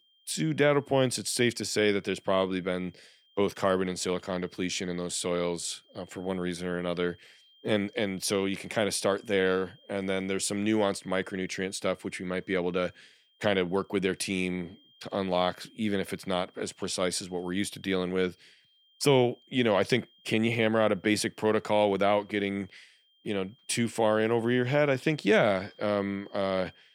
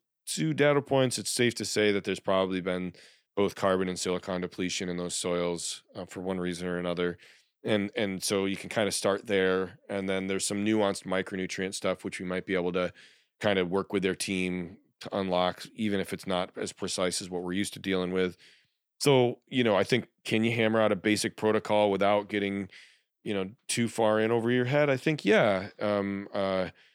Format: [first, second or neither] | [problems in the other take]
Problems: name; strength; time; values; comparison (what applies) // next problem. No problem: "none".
second | high-pitched whine; faint; throughout; 3 kHz, 30 dB below the speech